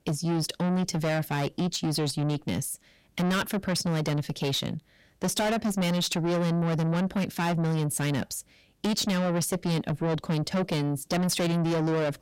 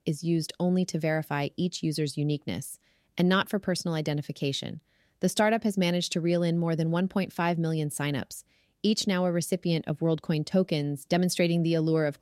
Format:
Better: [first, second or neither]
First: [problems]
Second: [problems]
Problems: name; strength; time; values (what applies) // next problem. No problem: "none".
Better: second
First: distortion; heavy; 7 dB below the speech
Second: none